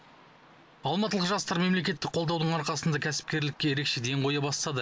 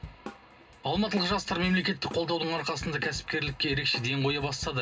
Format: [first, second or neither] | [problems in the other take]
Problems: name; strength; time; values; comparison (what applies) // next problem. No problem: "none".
first | background sound (Drum kit); 15 dB below the speech // room echo; dies away in 0.2 s